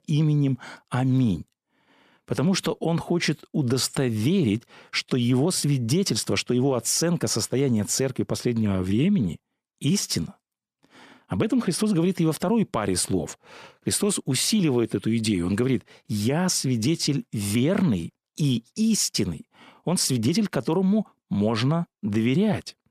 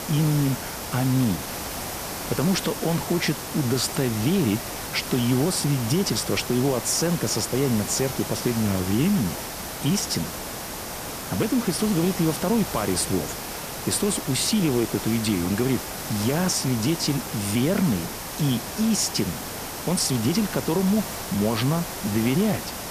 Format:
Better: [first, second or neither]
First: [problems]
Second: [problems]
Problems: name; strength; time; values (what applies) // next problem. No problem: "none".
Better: first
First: none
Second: hiss; loud; throughout; 7 dB below the speech